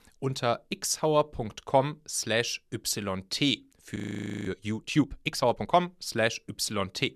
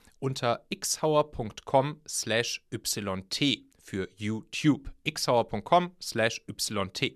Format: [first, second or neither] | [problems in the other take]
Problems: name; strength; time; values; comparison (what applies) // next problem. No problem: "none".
second | audio freezing; at 4 s for 0.5 s